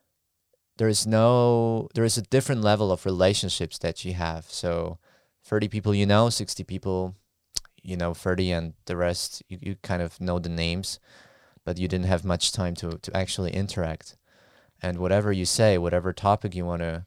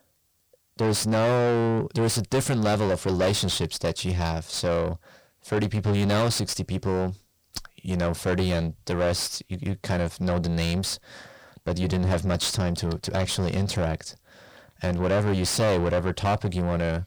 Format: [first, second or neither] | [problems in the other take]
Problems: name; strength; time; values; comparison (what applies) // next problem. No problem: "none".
first | distortion; heavy; 6 dB below the speech